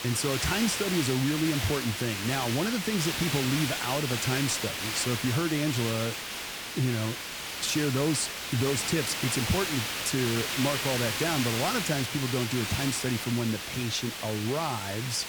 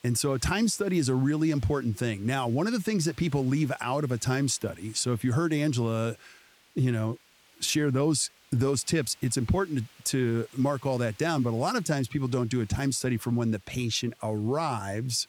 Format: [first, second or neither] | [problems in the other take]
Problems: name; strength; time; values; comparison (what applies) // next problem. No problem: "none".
second | hiss; loud; throughout; 2 dB below the speech; faint in the second